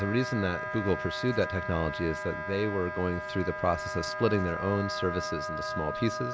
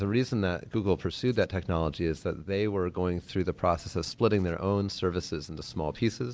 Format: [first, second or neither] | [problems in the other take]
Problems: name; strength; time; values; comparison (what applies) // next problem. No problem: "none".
second | background sound (Wind instrument, woodwind instrument); 5 dB below the speech